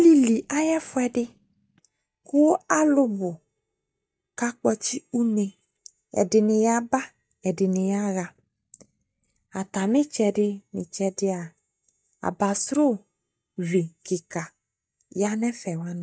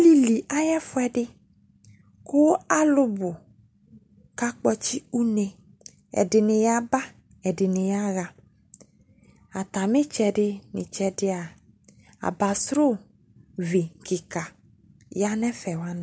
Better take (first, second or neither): second